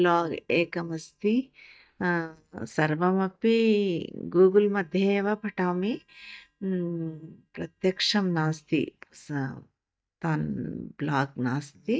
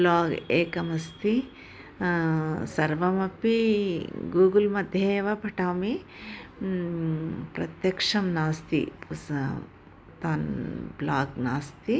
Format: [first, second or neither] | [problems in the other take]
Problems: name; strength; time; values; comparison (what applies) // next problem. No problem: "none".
second | noise reduction (neural mask model DeepFilterNet 3)